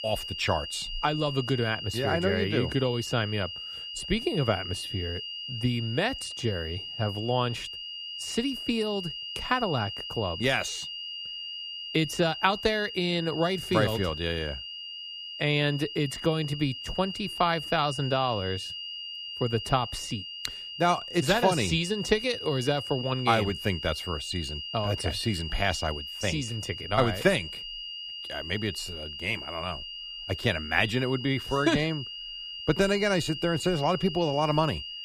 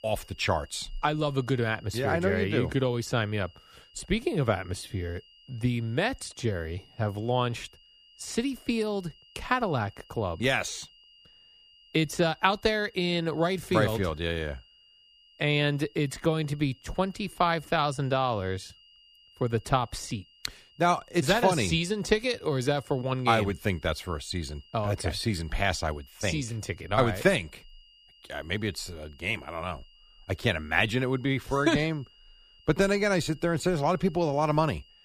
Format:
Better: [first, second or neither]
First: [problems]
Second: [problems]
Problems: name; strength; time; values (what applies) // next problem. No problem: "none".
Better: second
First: high-pitched whine; loud; throughout; 3 kHz, 7 dB below the speech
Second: high-pitched whine; faint; throughout; 3 kHz, 25 dB below the speech